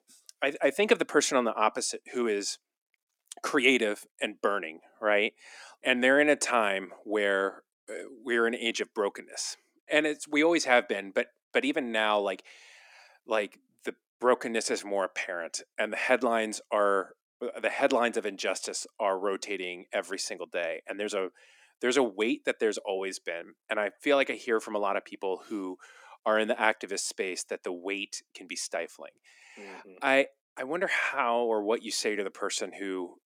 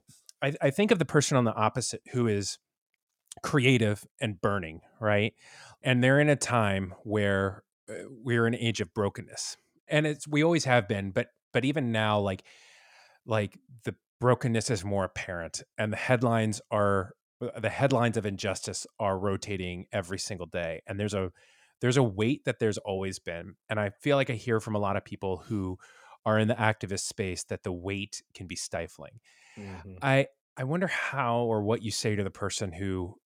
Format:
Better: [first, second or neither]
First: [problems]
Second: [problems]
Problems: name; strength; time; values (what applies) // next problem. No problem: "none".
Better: second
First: thin; somewhat; fading below 250 Hz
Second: none